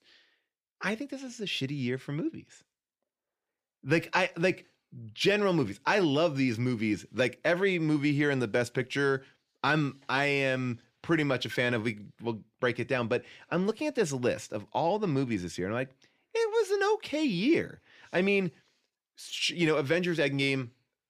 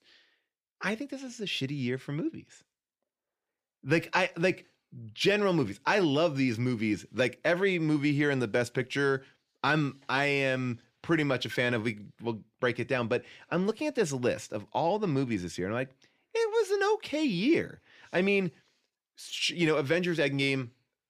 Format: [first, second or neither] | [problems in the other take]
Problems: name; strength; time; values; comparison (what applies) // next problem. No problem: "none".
neither | none